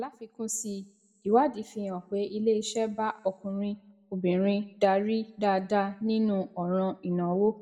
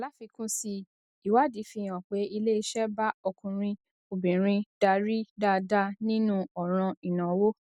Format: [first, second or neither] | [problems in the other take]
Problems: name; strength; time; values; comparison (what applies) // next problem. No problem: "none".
second | room echo; dies away in 0.5 s